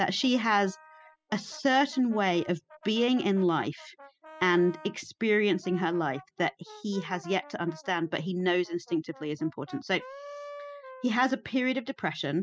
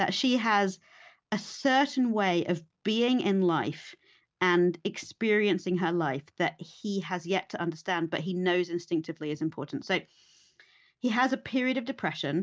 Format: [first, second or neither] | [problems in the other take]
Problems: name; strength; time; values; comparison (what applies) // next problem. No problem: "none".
second | noise reduction (classical method spectral subtraction)